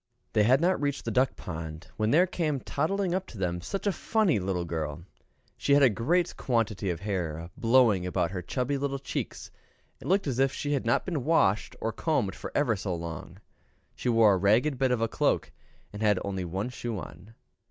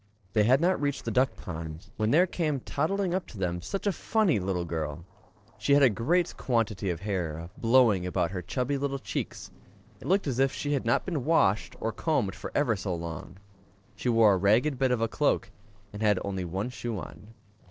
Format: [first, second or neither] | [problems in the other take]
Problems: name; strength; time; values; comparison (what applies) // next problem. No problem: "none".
first | noise reduction (neural separator model SepFormer DNS4)